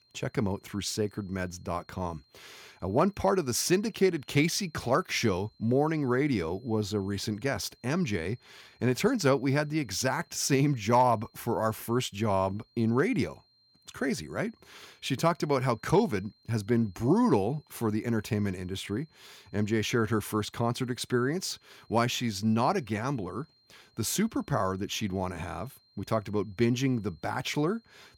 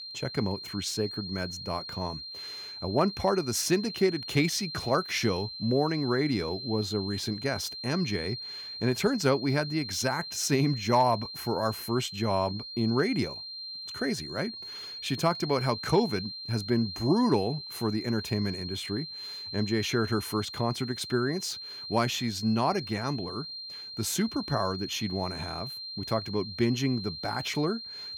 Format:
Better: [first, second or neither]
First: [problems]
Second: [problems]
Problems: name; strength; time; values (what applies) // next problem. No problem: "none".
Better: first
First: high-pitched whine; faint; throughout; 4 kHz, 35 dB below the speech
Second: high-pitched whine; loud; throughout; 4 kHz, 8 dB below the speech